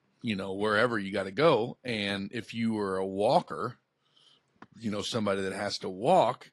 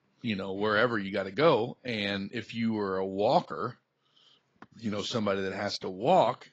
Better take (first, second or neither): first